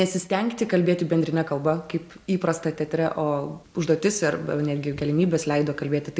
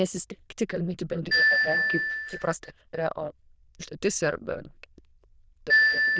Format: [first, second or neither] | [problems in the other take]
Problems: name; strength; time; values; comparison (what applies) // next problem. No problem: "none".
first | noise reduction (neural diffusion model UNIVERSE++)